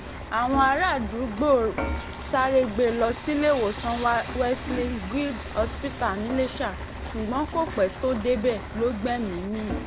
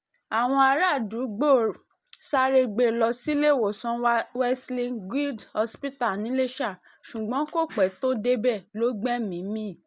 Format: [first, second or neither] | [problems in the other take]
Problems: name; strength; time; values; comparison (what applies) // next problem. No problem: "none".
second | background sound (Frying (food) / Dishes, pots, and pans); 8 dB below the speech